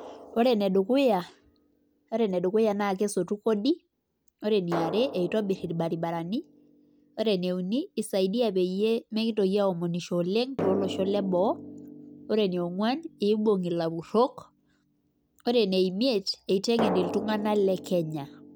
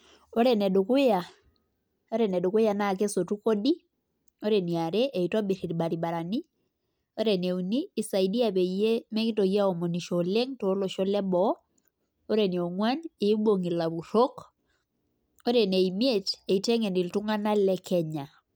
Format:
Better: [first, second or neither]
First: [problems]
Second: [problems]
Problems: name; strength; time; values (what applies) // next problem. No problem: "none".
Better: second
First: background sound (Drum); 13 dB below the speech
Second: none